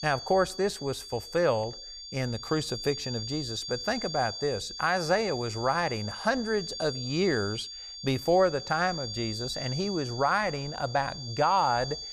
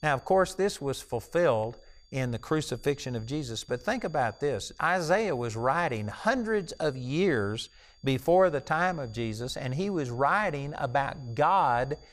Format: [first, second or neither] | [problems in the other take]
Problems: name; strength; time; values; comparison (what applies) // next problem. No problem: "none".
second | high-pitched whine; loud; throughout; 4.5 kHz, 8 dB below the speech; faint in the second